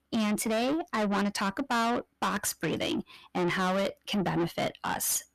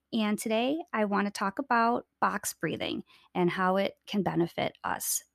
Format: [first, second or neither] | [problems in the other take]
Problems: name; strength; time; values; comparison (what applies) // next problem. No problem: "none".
second | distortion; heavy; 7 dB below the speech